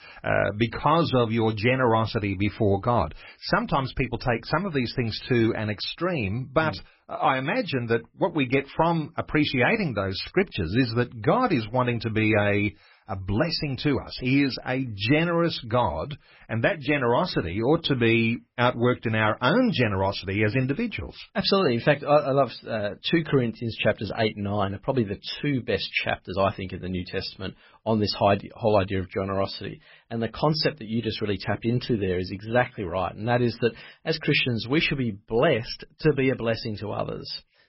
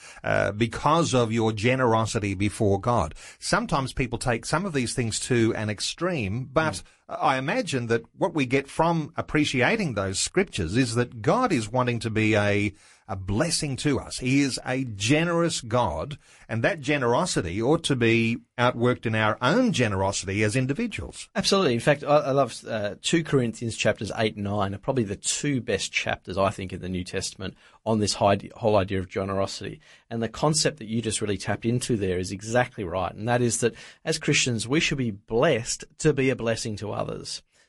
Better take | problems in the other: second | garbled, watery; badly; nothing above 5.5 kHz; slightly in the second

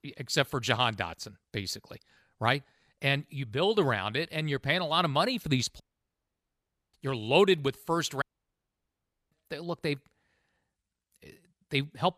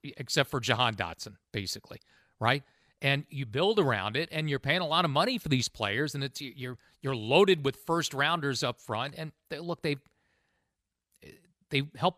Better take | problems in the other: second | audio cutting out; at 6 s for 1 s and at 8 s for 1 s

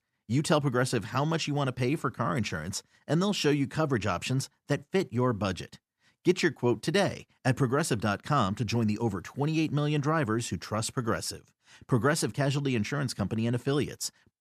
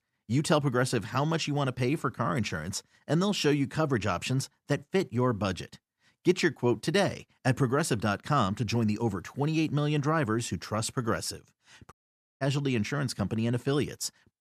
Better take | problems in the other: first | audio cutting out; at 12 s

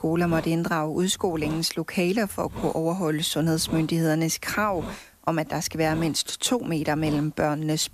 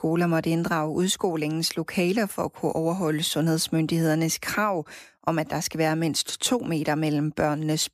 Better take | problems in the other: second | hiss; noticeable; throughout; 15 dB below the speech

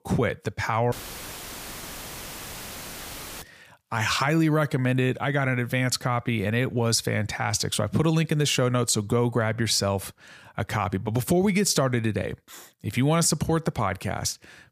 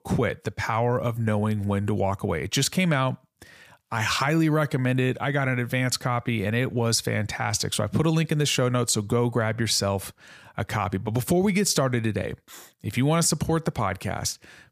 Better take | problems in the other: second | audio cutting out; filled with static; at 1 s for 2.5 s

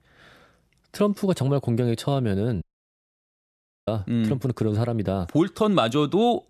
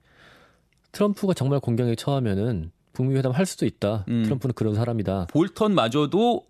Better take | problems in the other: second | audio cutting out; at 2.5 s for 1.5 s

